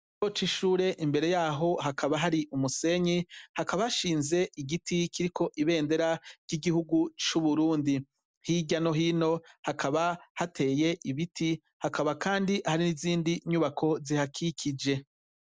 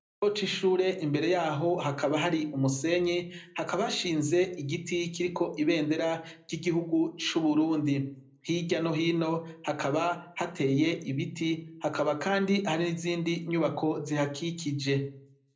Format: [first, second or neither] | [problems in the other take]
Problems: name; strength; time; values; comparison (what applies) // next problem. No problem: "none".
first | room echo; dies away in 0.5 s